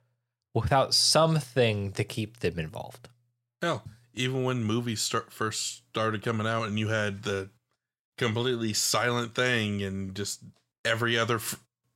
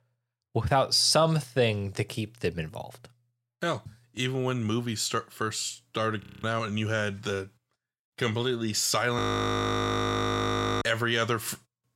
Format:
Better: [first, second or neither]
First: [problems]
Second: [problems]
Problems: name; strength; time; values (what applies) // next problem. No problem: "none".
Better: first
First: none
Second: audio freezing; at 6 s and at 9 s for 1.5 s